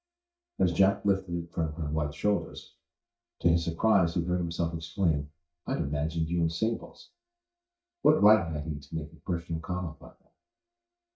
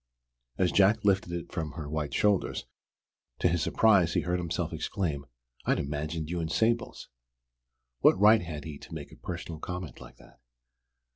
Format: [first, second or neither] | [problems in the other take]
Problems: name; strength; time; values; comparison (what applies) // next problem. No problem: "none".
second | noise reduction (neural mask model DeepFilterNet 3)